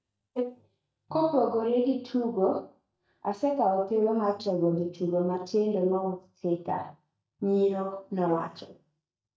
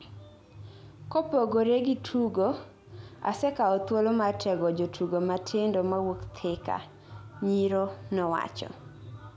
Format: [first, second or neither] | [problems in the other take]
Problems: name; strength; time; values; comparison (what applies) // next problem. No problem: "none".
second | noise reduction (neural mask model DeepFilterNet 3)